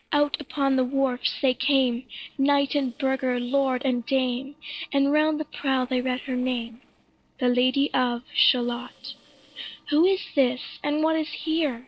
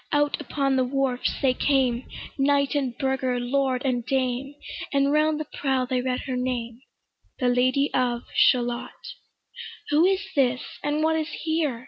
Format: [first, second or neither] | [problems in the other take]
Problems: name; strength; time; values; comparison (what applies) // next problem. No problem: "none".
second | noise reduction (neural separator model SepFormer DNS4)